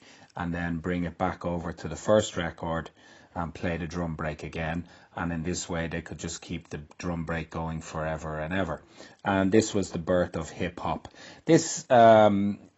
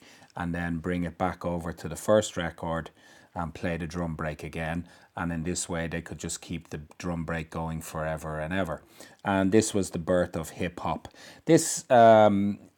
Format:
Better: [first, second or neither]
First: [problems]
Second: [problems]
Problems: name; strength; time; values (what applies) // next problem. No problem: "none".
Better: second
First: garbled, watery; badly; nothing above 7.5 kHz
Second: none